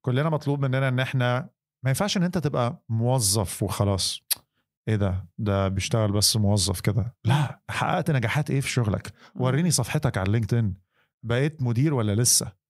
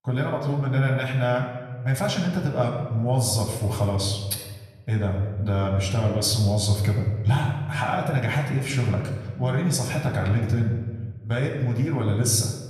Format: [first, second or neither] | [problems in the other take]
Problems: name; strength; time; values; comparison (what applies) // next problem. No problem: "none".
first | off-mic speech; far // room echo; noticeable; dies away in 1.2 s